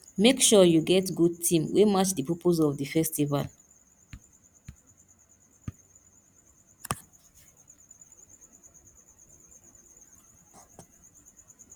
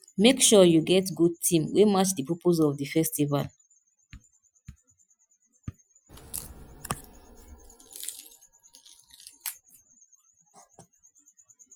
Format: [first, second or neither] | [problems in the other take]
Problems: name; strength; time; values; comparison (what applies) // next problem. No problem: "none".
first | noise reduction (classical method Wiener filter)